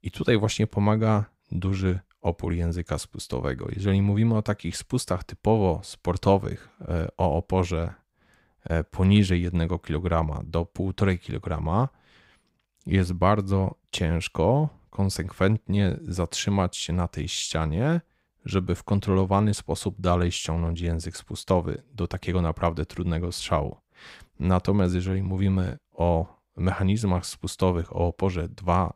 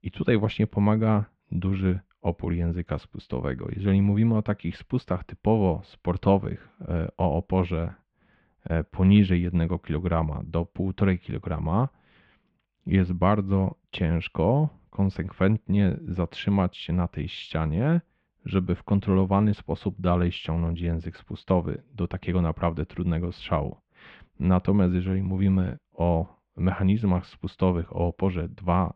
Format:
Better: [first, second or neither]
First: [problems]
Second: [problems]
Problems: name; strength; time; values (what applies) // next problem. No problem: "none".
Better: first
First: none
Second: muffled; very; fading above 3 kHz